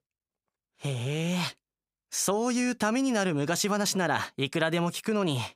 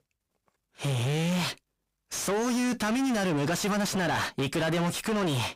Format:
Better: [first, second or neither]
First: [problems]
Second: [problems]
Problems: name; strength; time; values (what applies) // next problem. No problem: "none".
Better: first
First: none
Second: distortion; heavy; 5 dB below the speech